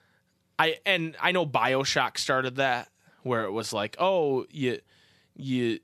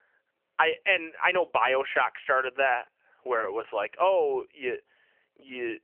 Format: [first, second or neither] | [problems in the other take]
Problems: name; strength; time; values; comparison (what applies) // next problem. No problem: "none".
first | phone-call audio; nothing above 3 kHz